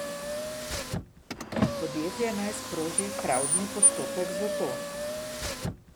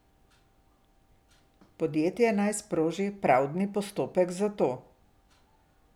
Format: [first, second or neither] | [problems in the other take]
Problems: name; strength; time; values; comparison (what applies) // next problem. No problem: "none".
second | background sound (Car); 4 dB above the speech